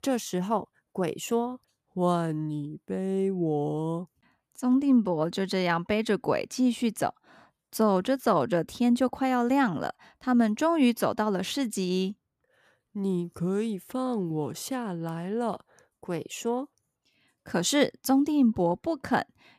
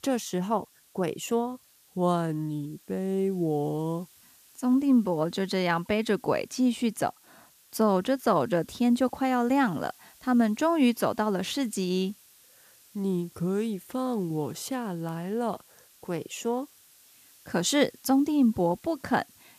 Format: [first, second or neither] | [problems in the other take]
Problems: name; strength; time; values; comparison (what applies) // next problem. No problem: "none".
first | hiss; faint; throughout; 25 dB below the speech